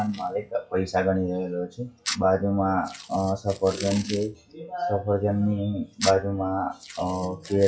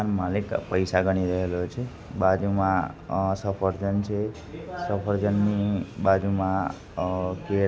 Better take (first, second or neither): second